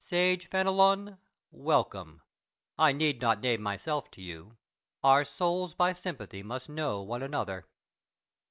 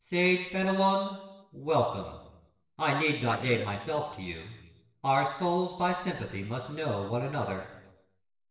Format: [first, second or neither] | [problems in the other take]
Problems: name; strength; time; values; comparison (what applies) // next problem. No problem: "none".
first | noise reduction (neural separator model SepFormer DNS4)